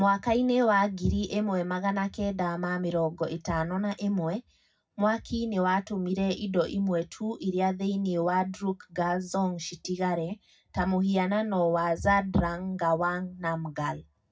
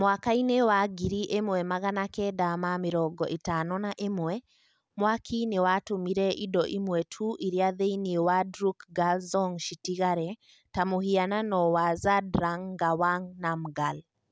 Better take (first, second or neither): second